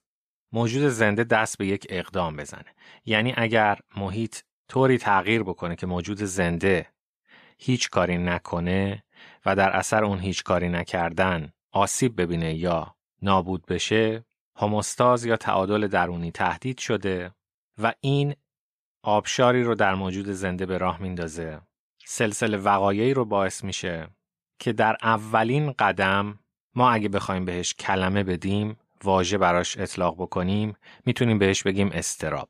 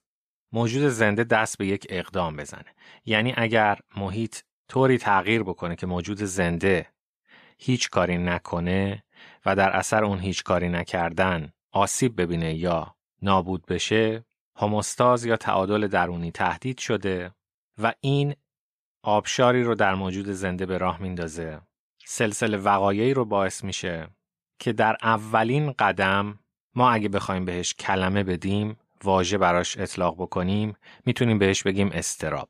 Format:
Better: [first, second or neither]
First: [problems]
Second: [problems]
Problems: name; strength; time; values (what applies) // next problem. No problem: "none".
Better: neither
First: none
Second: none